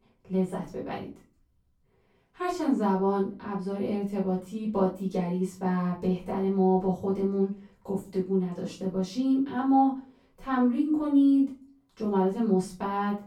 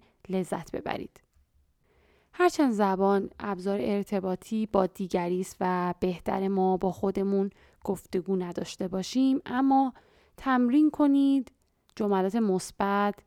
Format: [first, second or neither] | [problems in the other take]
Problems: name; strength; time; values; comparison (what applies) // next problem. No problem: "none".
second | off-mic speech; far // room echo; slight; dies away in 0.3 s